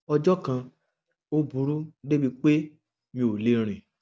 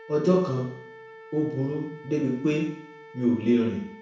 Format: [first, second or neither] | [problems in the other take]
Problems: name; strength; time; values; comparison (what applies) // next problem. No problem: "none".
first | background sound (Wind instrument, woodwind instrument); 19 dB below the speech // room echo; dies away in 0.7 s